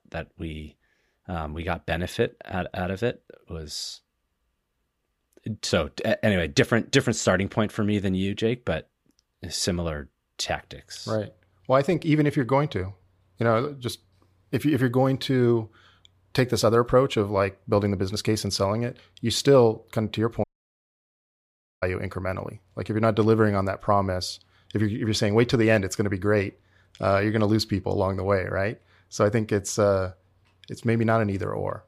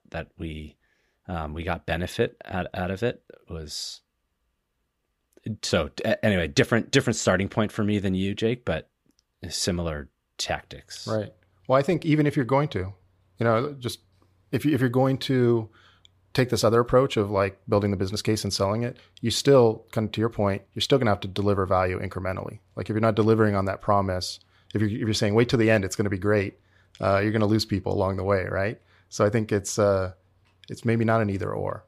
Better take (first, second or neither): second